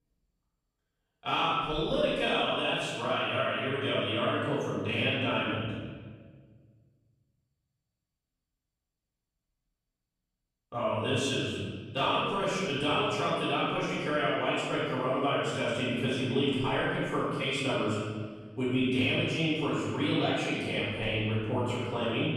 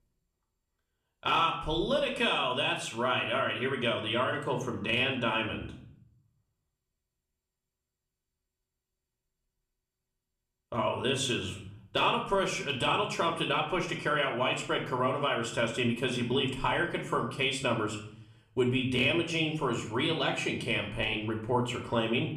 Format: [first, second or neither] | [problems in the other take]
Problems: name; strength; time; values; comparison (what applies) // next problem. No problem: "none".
second | room echo; strong; dies away in 1.5 s; slight in the second // off-mic speech; far; somewhat distant in the second